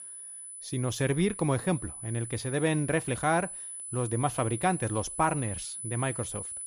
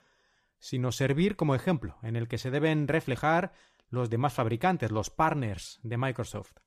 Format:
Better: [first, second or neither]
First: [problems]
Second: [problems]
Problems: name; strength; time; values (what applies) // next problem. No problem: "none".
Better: second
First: high-pitched whine; loud; throughout; 10 kHz, 7 dB below the speech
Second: none